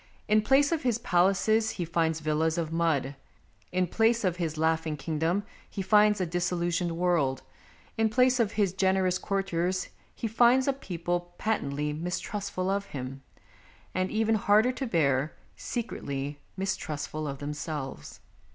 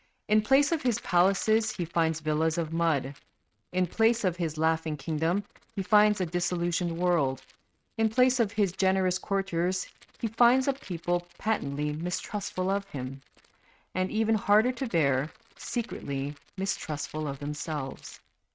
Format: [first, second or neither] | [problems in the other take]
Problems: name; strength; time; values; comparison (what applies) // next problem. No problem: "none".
first | noise reduction (neural mask model RNNoise)